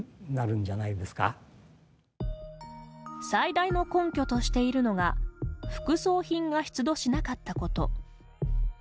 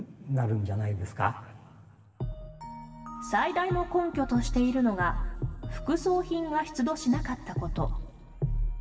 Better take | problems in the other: first | room echo; dies away in 3 s

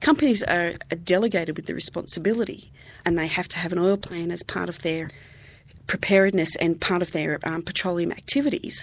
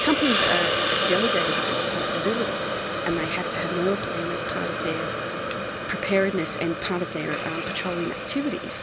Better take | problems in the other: first | background sound (Hiss); 1 dB above the speech

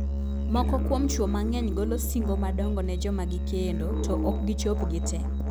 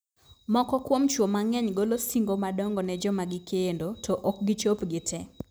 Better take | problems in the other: second | background sound (Musical instrument); 3 dB above the speech

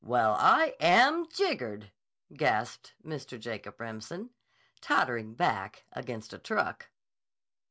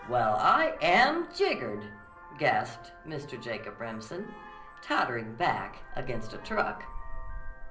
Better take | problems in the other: first | background sound (Vehicle horn, car horn, honking); 11 dB below the speech // room echo; dies away in 0.5 s

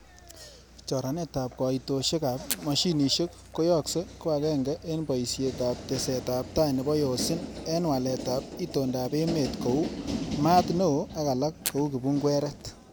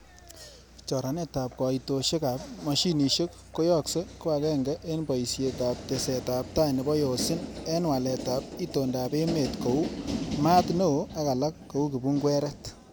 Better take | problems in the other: second | background sound (Fire); 20 dB below the speech

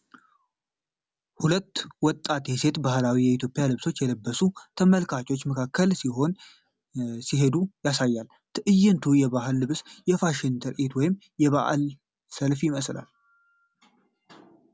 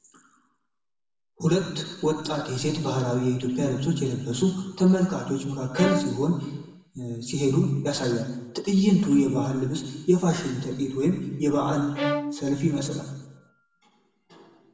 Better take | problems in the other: first | background sound (Bowed string instrument); 6 dB below the speech // room echo; dies away in 1 s

